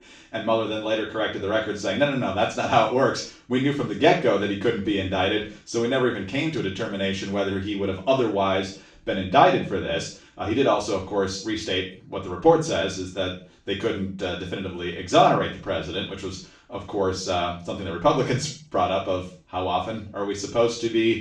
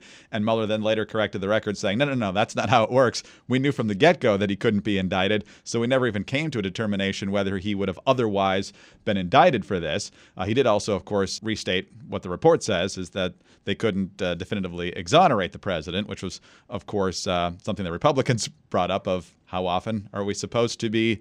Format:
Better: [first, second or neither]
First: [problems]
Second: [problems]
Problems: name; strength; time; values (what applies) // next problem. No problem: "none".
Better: second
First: room echo; noticeable; dies away in 0.3 s // off-mic speech; far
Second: none